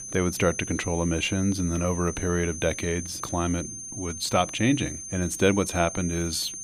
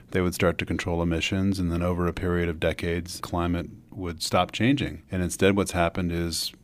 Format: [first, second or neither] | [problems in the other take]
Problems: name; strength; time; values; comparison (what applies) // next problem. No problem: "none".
second | high-pitched whine; loud; throughout; 6 kHz, 8 dB below the speech